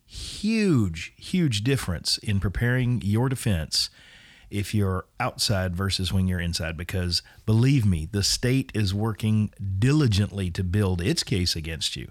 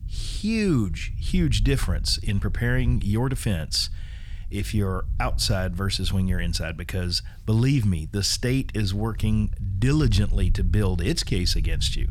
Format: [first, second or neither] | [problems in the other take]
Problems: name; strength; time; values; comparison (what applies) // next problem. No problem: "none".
first | low rumble; faint; throughout; 20 dB below the speech